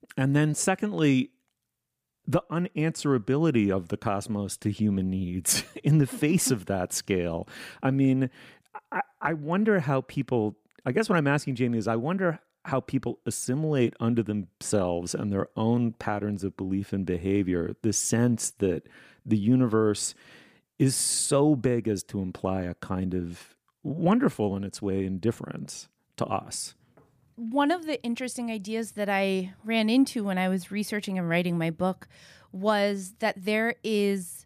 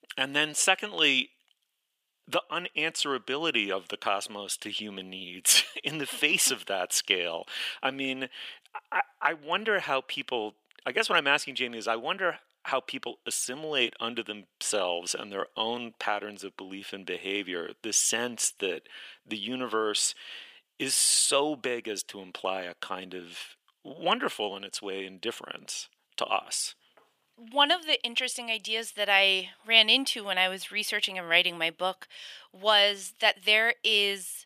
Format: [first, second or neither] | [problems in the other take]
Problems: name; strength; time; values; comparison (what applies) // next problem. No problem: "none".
first | thin; very; fading below 600 Hz